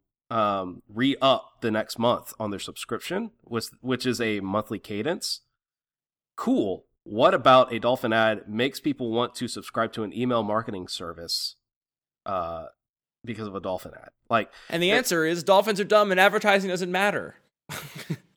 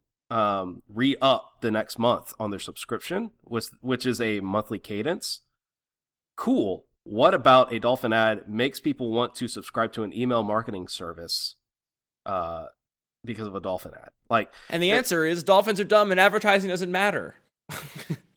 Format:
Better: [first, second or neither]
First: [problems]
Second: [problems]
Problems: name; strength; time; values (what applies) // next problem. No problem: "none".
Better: first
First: none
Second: garbled, watery; slightly; nothing above 19 kHz